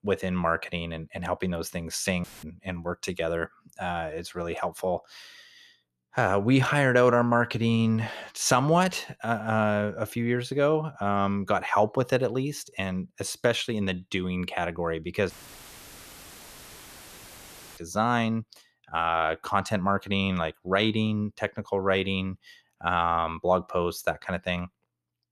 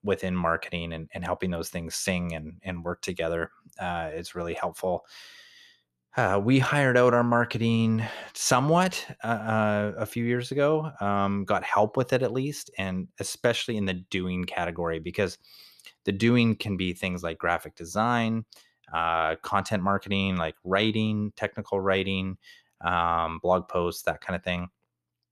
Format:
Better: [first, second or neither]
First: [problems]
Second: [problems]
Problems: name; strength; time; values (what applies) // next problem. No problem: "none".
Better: second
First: audio cutting out; filled with static; at 2 s and at 15 s for 2.5 s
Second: none